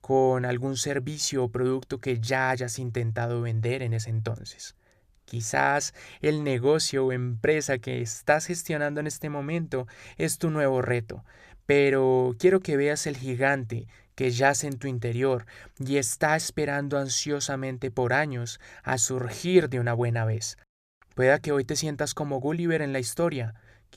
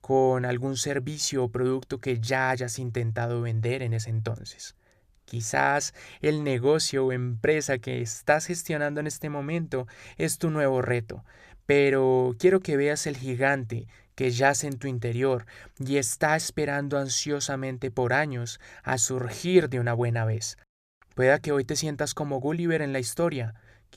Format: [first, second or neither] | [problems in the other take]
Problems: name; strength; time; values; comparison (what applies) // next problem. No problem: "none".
neither | none